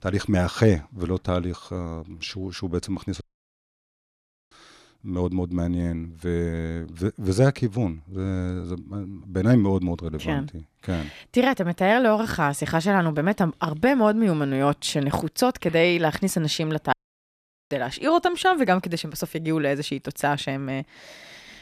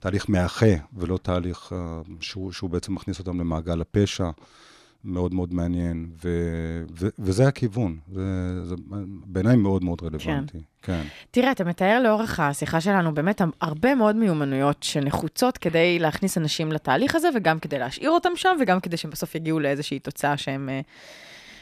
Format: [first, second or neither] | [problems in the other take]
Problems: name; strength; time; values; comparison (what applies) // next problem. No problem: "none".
second | audio cutting out; at 3 s for 1.5 s and at 17 s for 1 s